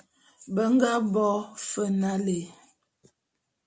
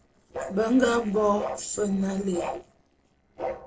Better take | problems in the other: first | noise reduction (neural separator model SepFormer DNS4)

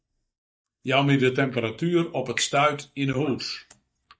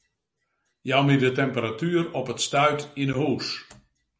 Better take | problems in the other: second | noise reduction (neural mask model DeepFilterNet 3)

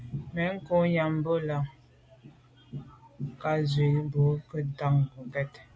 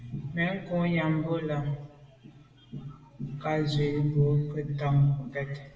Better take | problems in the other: first | room echo; dies away in 0.8 s

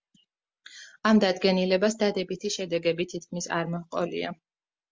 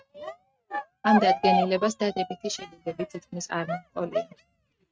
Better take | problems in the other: first | noise reduction (neural mask model RNNoise)

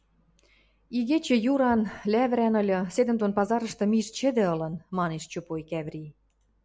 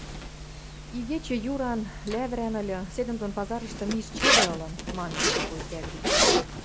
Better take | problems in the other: first | background sound (Zipper (clothing)); 3 dB above the speech

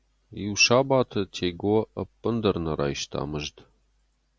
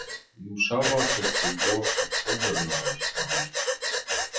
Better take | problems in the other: first | noise reduction (classical method WPE with log-MMSE)

